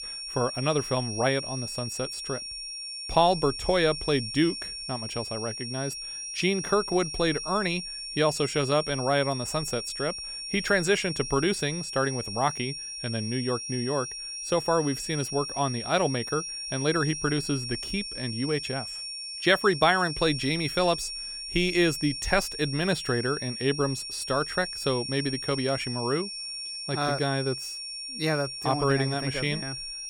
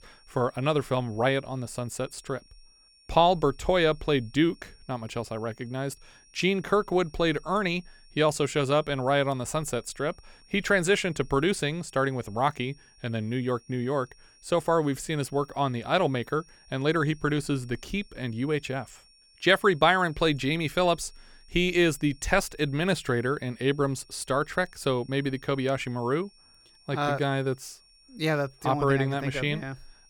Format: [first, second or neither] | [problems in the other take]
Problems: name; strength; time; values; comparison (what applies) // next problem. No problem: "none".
second | high-pitched whine; loud; throughout; 5.5 kHz, 6 dB below the speech; faint in the second